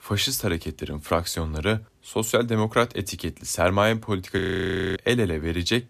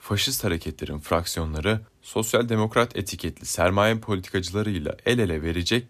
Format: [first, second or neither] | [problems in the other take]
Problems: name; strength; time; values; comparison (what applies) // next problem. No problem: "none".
second | audio freezing; at 4.5 s for 0.5 s